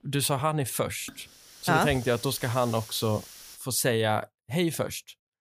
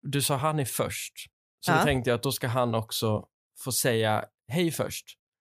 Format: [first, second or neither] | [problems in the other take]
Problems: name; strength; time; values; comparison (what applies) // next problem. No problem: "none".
second | hiss; noticeable; until 3.5 s; 15 dB below the speech